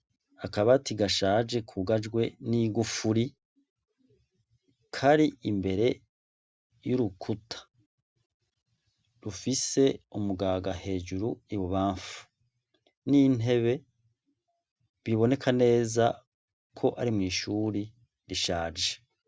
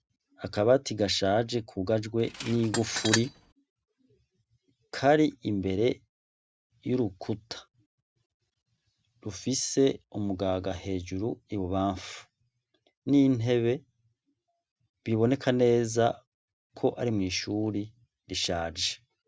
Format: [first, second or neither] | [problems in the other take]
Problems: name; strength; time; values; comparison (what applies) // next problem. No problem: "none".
first | background sound (Tools); 5 dB below the speech